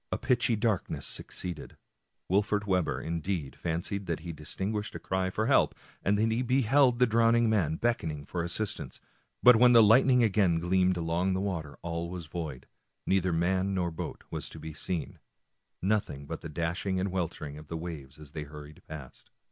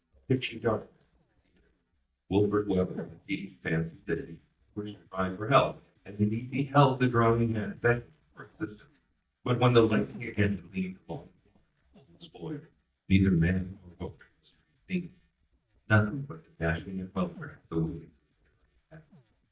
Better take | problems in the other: first | noise reduction (neural mask model DeepFilterNet 3)

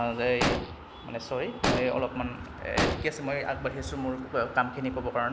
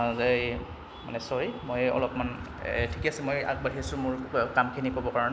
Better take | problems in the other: second | background sound (Explosion); 2 dB below the speech

